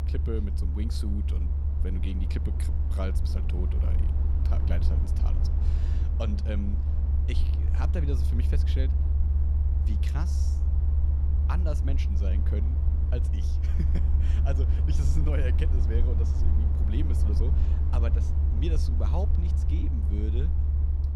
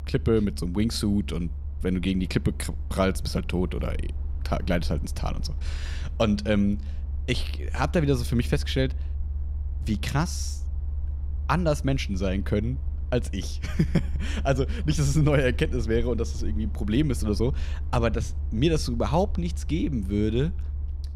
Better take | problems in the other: second | low rumble; loud; throughout; 2 dB below the speech; faint in the second

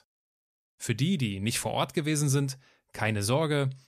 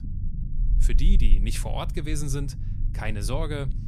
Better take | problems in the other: first | low rumble; noticeable; throughout; 15 dB below the speech

